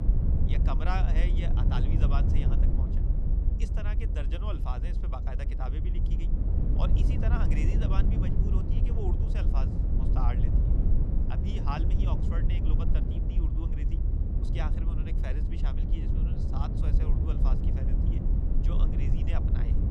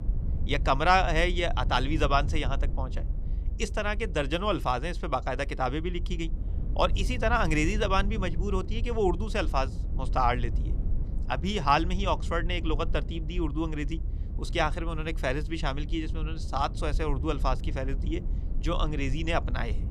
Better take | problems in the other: second | low rumble; loud; throughout; 1 dB below the speech; faint in the second

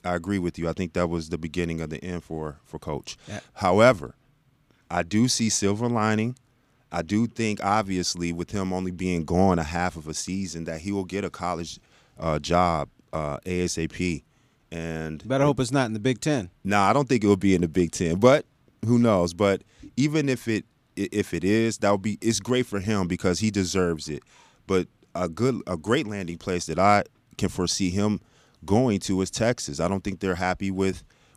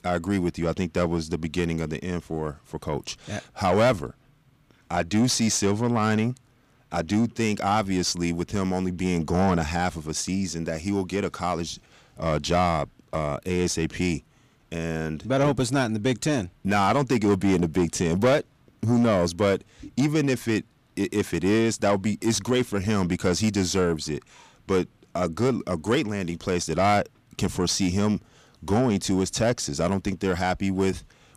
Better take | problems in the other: first | distortion; slight; 10 dB below the speech

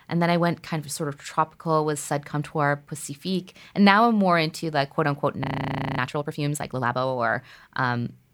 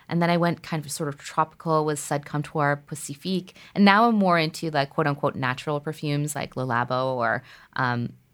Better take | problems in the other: second | audio freezing; at 5.5 s for 0.5 s

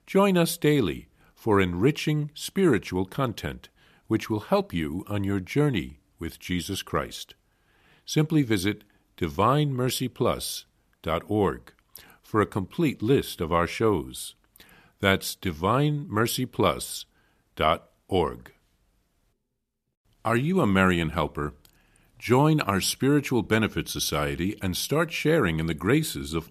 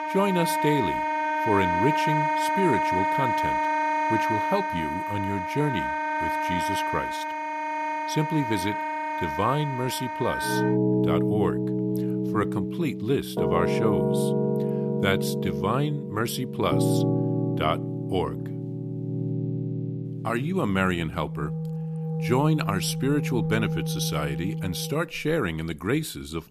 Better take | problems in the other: first | background music; very loud; throughout; 1 dB above the speech

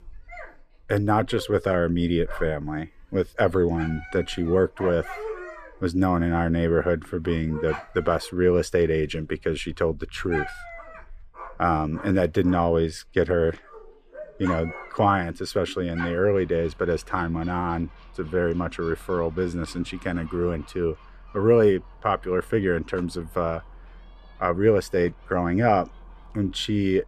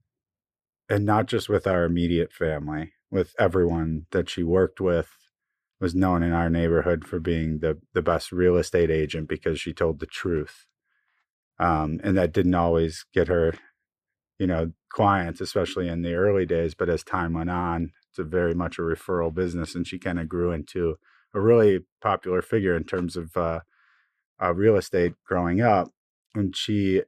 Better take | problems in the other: second | animal sounds; noticeable; throughout; 15 dB below the speech

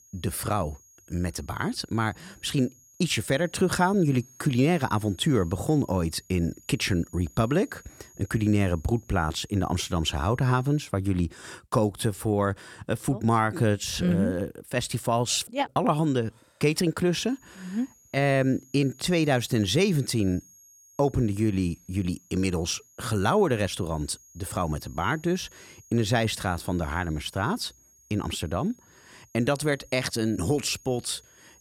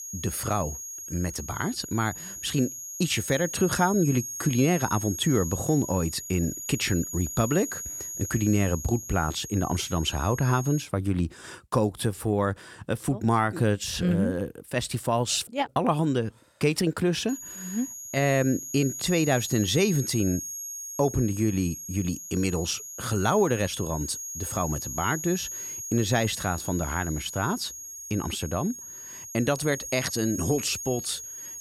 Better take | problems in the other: first | high-pitched whine; loud; until 11 s and from 17 s on; 6.5 kHz, 8 dB below the speech; faint in the first

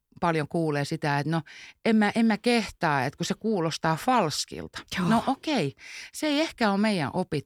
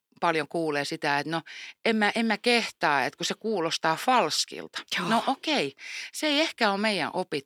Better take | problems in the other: first | thin; very slightly; fading below 300 Hz

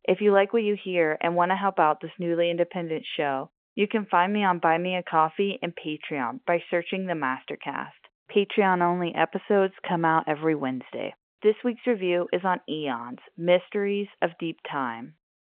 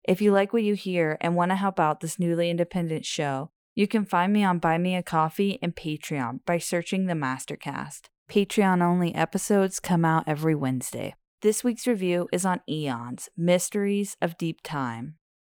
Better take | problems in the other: second | phone-call audio; nothing above 3 kHz

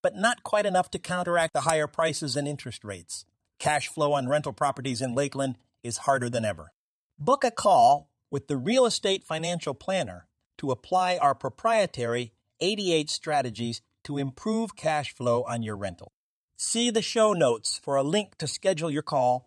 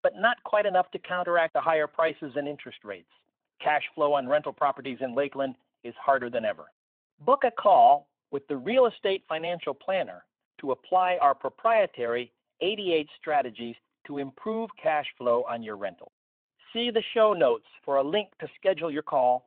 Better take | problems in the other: first | phone-call audio

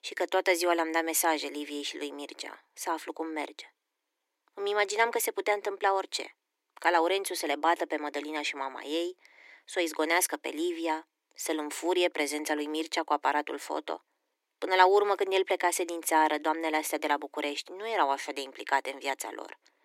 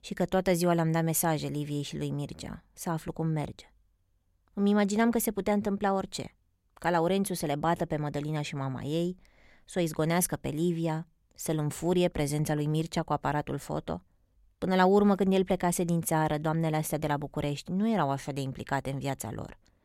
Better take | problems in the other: second | thin; very; fading below 300 Hz

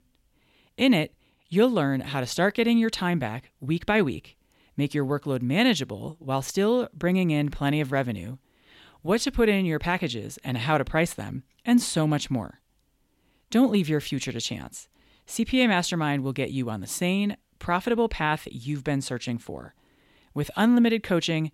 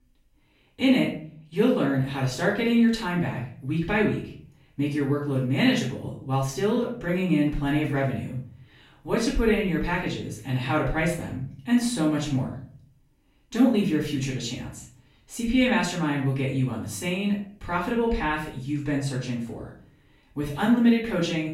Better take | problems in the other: first | off-mic speech; far // room echo; noticeable; dies away in 0.5 s

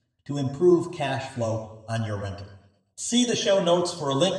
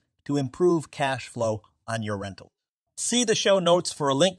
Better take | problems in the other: second | room echo; slight; dies away in 0.9 s // off-mic speech; somewhat distant

